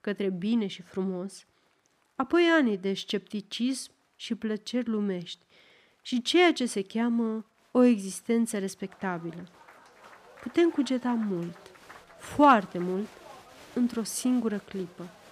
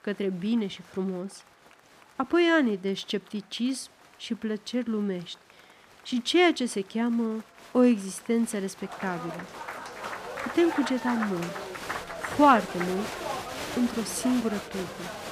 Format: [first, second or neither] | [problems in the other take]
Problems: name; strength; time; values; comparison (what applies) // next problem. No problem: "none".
first | crowd noise; loud; throughout; 9 dB below the speech; faint in the first